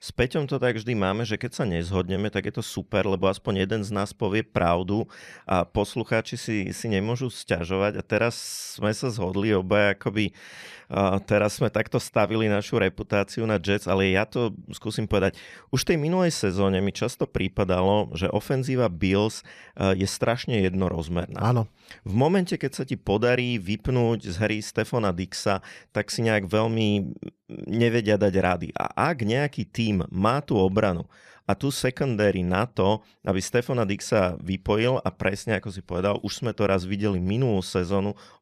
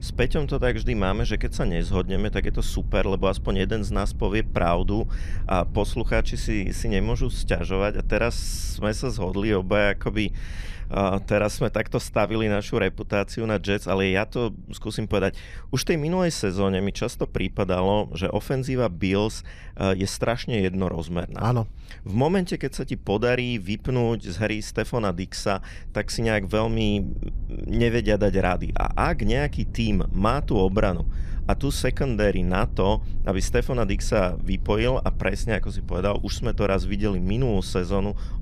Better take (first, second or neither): first